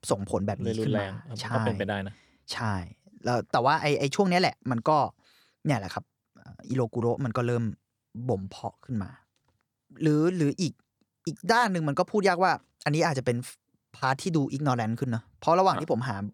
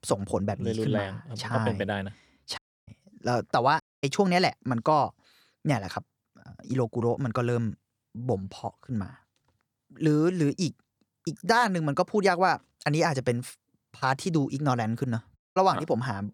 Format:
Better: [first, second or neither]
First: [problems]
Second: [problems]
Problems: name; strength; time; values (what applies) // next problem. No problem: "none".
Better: first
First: none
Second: audio cutting out; at 2.5 s, at 4 s and at 15 s